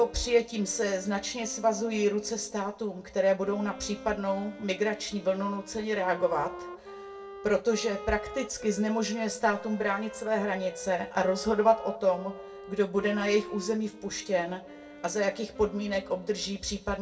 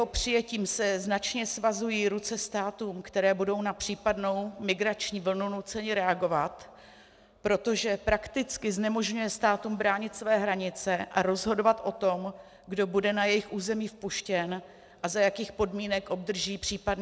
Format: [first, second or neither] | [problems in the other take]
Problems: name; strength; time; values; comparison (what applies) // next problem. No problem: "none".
second | background sound (Wind instrument, woodwind instrument); 15 dB below the speech // room echo; dies away in 0.2 s